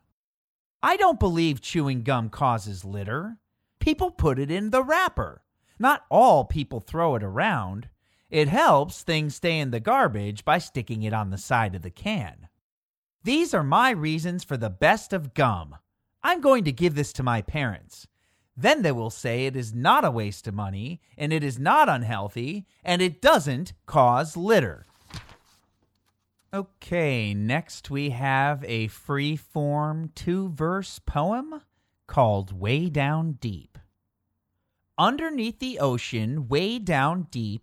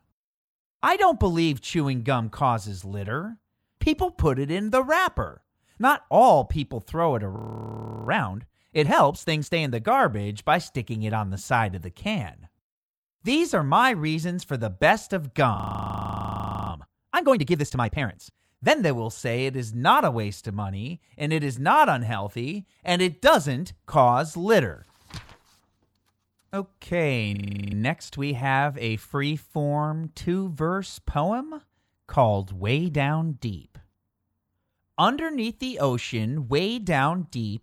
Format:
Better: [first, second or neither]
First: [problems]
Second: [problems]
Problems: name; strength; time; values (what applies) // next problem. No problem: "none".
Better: first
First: none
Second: audio freezing; at 7.5 s for 0.5 s, at 16 s for 1 s and at 27 s